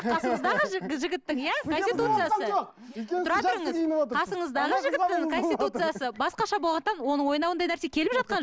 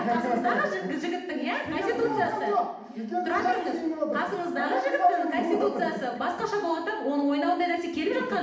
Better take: first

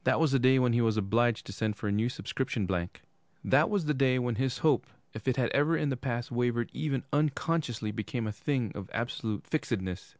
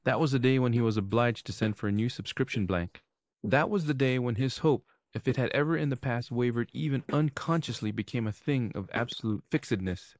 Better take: first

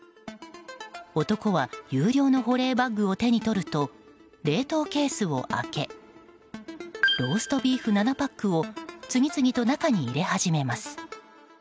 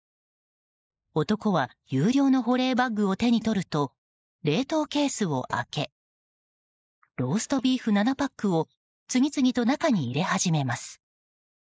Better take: first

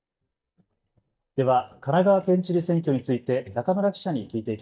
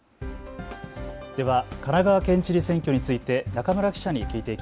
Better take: second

